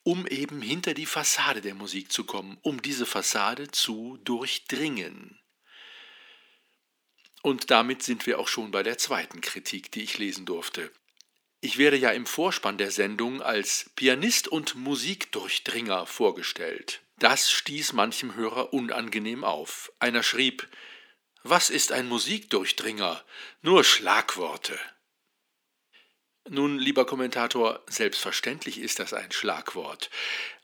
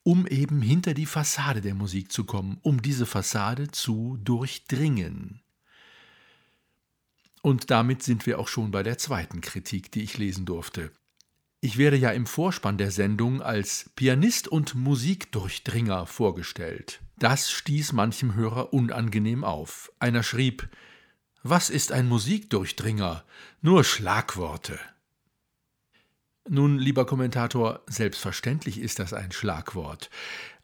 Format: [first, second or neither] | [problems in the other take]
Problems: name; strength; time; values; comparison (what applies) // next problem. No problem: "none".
second | thin; somewhat; fading below 300 Hz